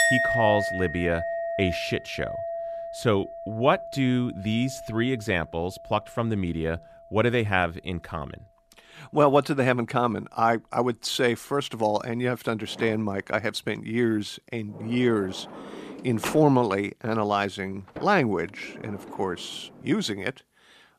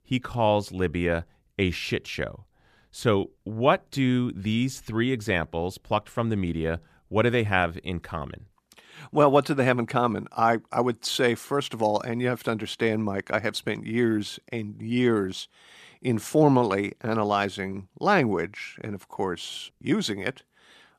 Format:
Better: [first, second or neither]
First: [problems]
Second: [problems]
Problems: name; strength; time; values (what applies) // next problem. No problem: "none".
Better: second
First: household noises; loud; throughout; 7 dB below the speech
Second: none